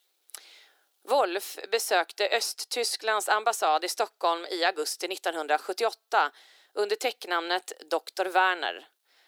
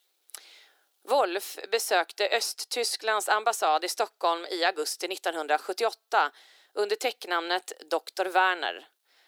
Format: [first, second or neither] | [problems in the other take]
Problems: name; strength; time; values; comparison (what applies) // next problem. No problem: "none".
neither | thin; very; fading below 350 Hz; the same in both